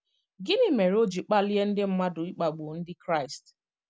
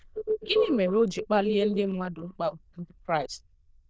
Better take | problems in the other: first | noise reduction (neural diffusion model UNIVERSE++)

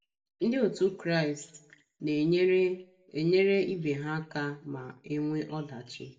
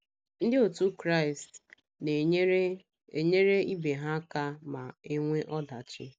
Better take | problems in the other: second | room echo; dies away in 0.4 s

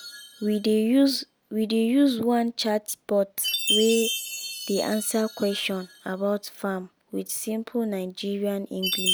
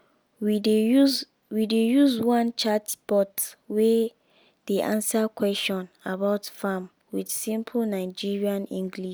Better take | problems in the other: second | background sound (Chime); 8 dB below the speech

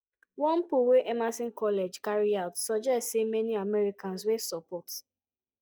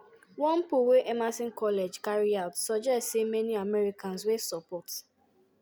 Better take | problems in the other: second | noise reduction (neural mask model DeepFilterNet 3)

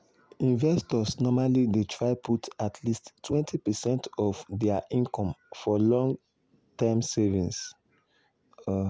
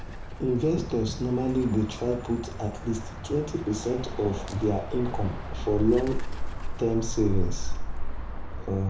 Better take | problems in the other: first | background sound (Bird); 3 dB below the speech // room echo; dies away in 0.4 s

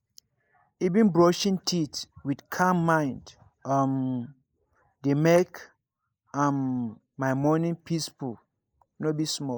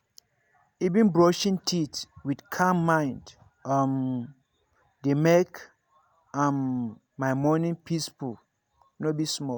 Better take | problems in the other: second | noise reduction (neural mask model Resemble Enhance denoiser)

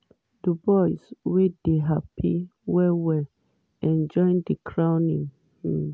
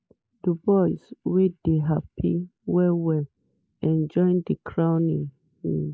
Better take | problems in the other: first | noise reduction (neural mask model Resemble Enhance denoiser)

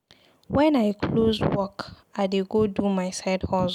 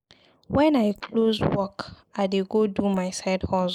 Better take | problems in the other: first | noise reduction (neural mask model Resemble Enhance denoiser)

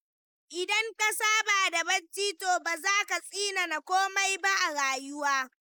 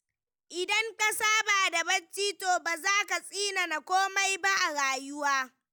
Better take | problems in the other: second | noise reduction (neural mask model Resemble Enhance denoiser)

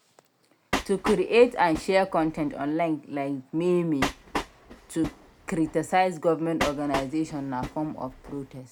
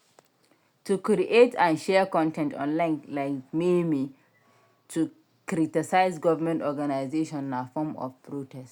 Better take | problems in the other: second | background sound (Train); 9 dB below the speech

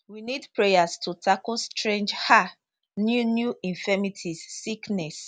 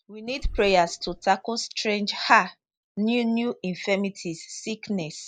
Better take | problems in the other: first | noise reduction (neural mask model Resemble Enhance denoiser)

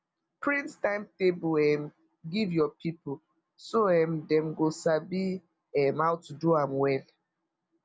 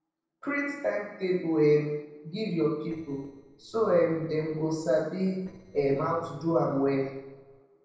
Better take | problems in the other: first | noise reduction (neural separator model SepFormer DNS4)

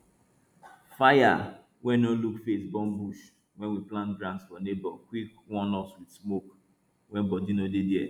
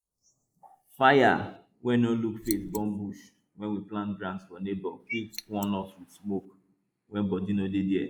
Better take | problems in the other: first | noise reduction (neural mask model Resemble Enhance denoiser)

